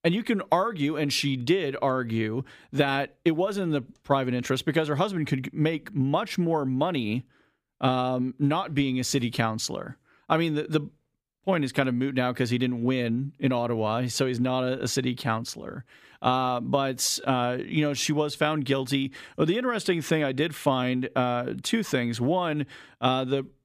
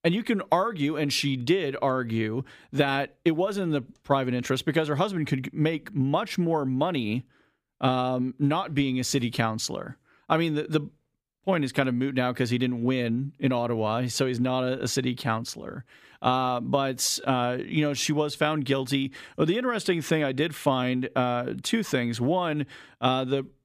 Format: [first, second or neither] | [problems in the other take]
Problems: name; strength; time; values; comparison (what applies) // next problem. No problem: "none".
neither | none